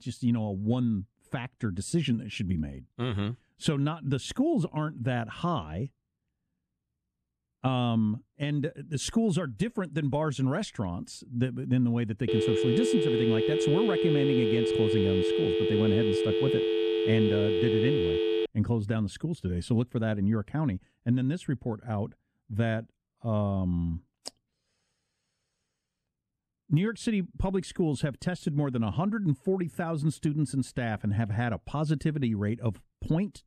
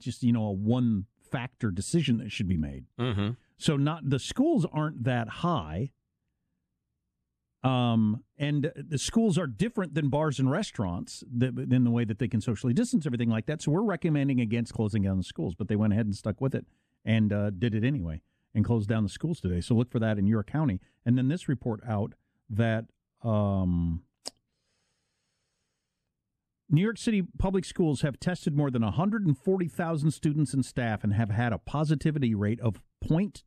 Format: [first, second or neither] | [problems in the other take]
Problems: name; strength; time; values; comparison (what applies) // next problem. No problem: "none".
second | phone ringing; loud; from 12 to 18 s; peak 3 dB above the speech